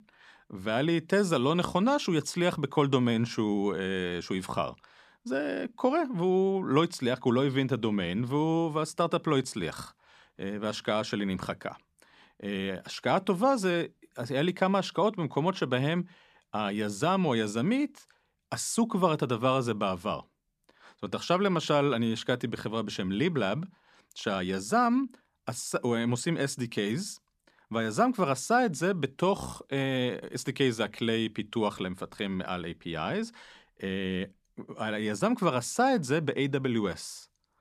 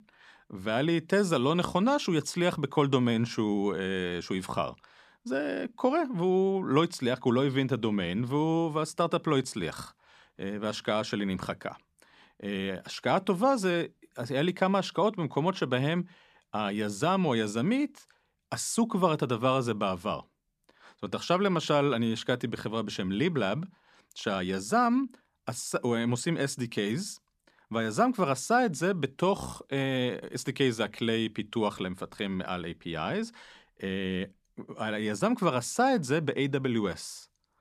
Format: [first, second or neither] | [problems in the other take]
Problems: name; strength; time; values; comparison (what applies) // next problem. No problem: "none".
neither | none